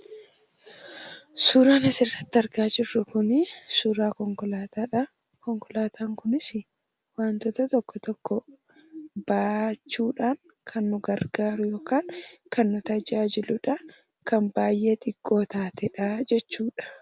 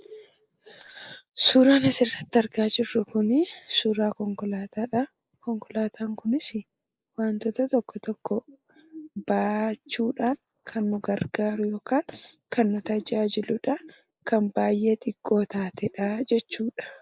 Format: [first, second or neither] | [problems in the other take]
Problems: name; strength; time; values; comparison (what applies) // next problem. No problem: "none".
first | noise reduction (neural mask model Resemble Enhance denoiser)